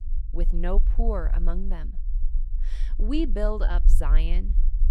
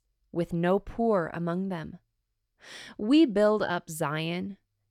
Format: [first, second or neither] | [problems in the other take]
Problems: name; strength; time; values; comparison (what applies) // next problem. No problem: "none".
second | low rumble; noticeable; throughout; 20 dB below the speech